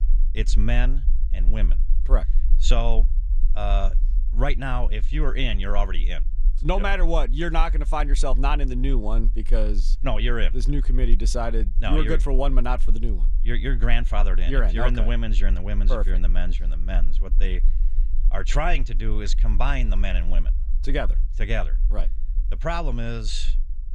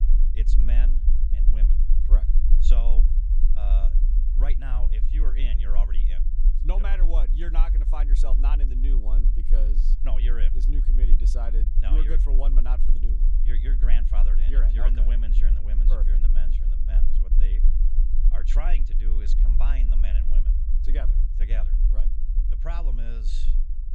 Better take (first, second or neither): first